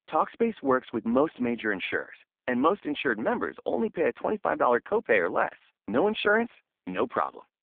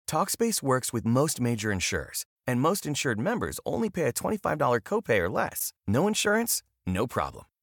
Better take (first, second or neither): second